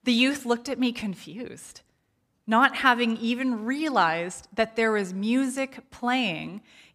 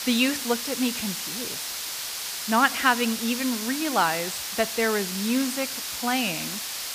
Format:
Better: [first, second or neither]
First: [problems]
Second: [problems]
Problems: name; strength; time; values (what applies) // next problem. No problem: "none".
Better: first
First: none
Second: hiss; loud; throughout; 4 dB below the speech